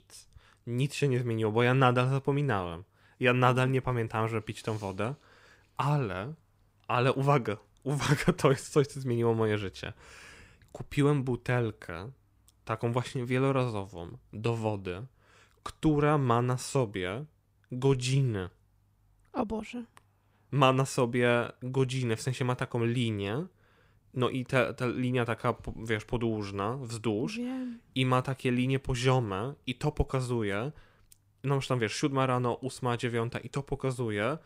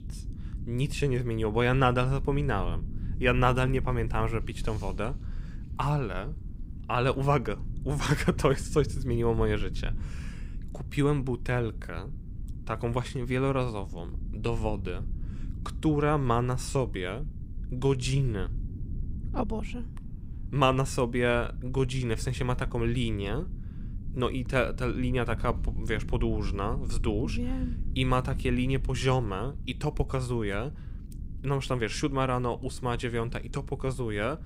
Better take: first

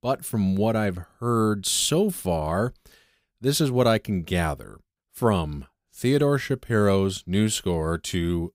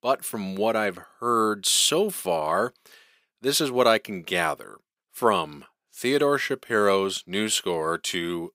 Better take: first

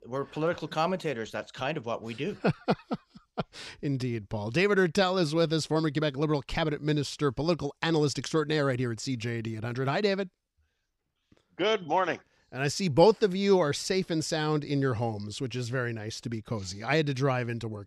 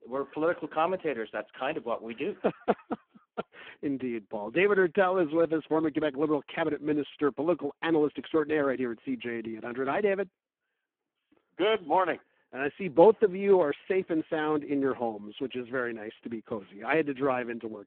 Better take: first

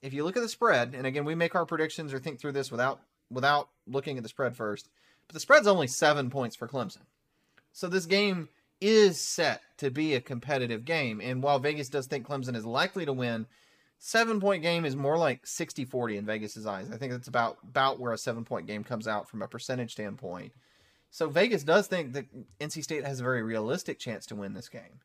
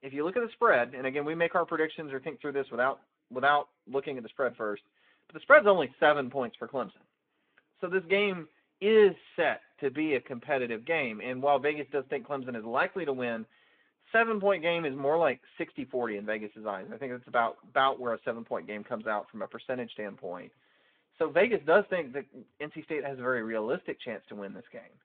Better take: first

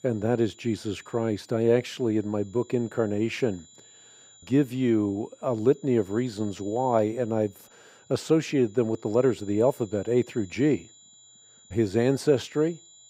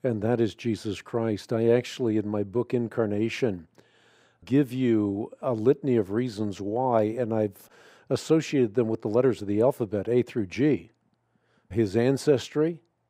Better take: second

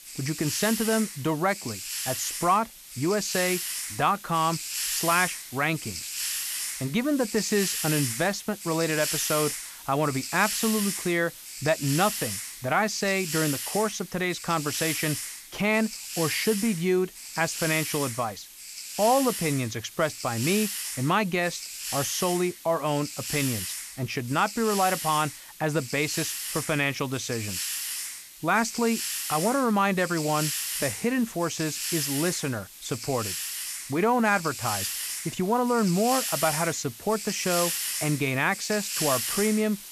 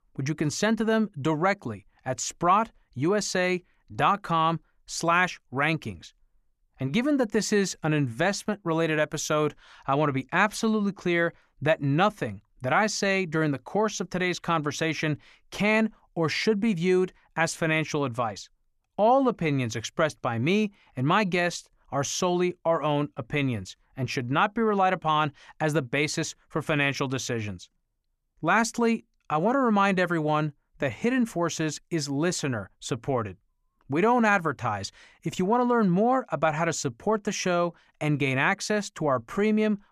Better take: second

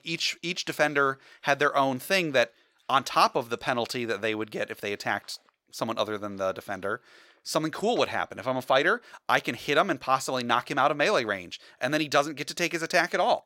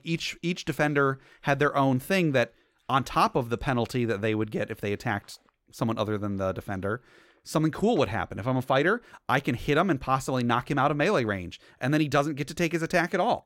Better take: second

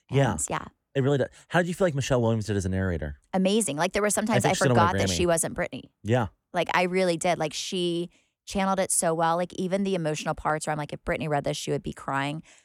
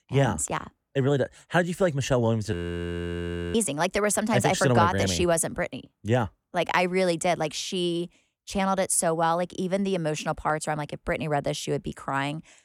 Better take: first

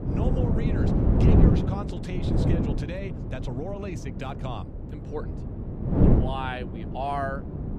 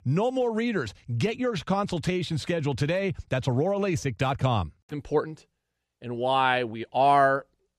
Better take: second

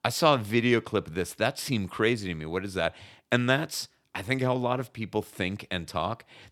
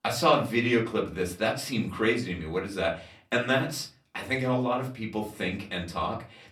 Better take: first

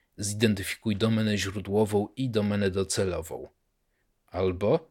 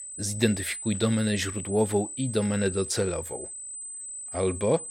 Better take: first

